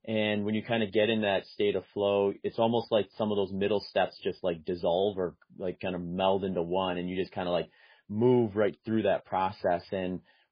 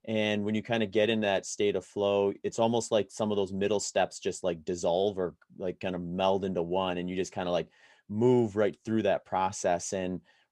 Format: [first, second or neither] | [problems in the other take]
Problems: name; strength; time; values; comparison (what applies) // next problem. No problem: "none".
second | garbled, watery; badly; nothing above 5 kHz